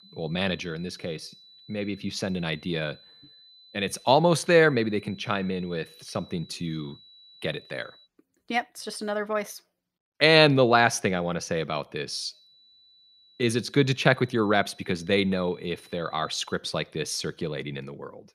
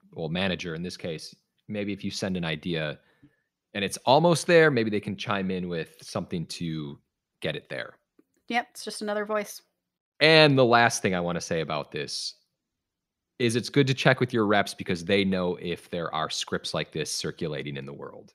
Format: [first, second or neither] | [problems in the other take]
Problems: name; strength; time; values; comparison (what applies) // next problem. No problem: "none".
second | high-pitched whine; faint; until 8 s and from 12 to 17 s; 4 kHz, 25 dB below the speech